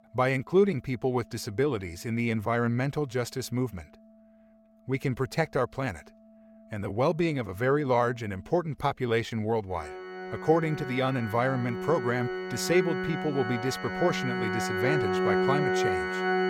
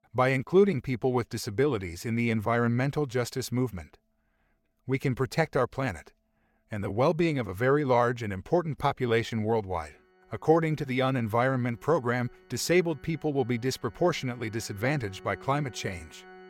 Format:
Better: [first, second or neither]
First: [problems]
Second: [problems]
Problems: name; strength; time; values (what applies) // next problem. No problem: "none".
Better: second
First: background music; loud; throughout; 2 dB below the speech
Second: background music; faint; throughout; 25 dB below the speech